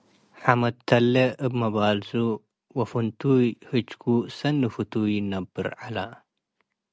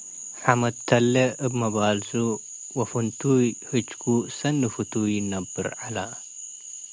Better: first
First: none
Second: background sound (Frog); 13 dB below the speech

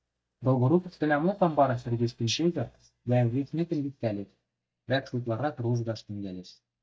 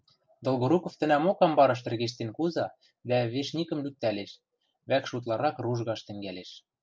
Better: second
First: noise reduction (neural mask model DeepFilterNet 3)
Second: none

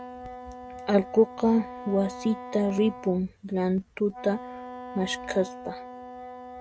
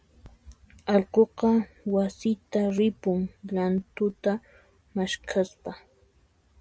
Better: second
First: background sound (Wind instrument, woodwind instrument); 13 dB below the speech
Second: none

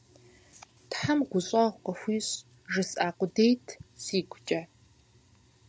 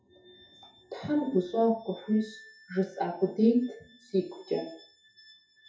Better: first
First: none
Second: noise reduction (classical method WPE with log-MMSE)

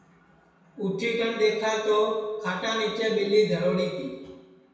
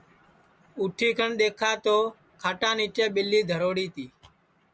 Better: second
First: room echo; dies away in 1.1 s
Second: none

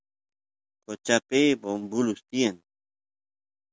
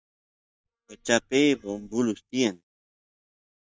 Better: first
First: none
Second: noise reduction (neural mask model DeepFilterNet 3)

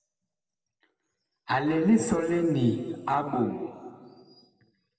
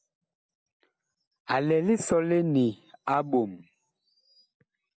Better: second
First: room echo; dies away in 2 s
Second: none

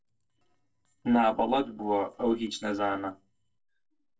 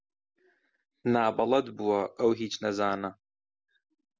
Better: second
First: noise reduction (neural separator model SepFormer DNS4)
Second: none

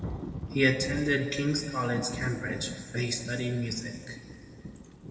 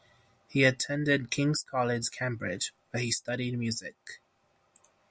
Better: second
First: background sound (Thunder / Rain); 9 dB below the speech // room echo; dies away in 1.9 s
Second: none

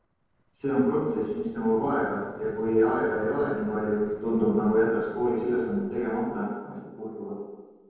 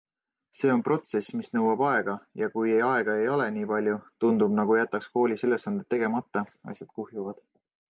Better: second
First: noise reduction (neural separator model SepFormer DNS4)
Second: none

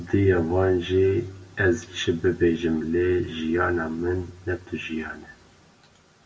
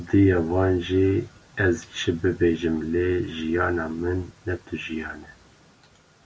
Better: second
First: room echo; dies away in 0.6 s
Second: none

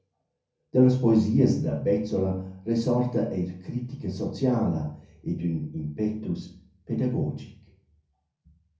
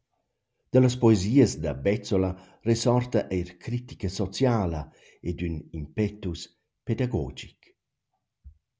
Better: second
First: room echo; dies away in 0.6 s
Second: none

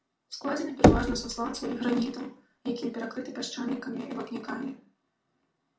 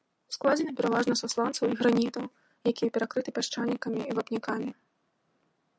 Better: second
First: background sound (Knock / Wood); 5 dB above the speech // room echo; dies away in 0.4 s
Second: none

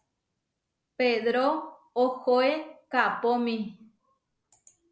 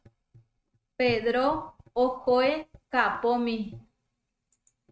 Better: first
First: none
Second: noise reduction (neural mask model RNNoise)

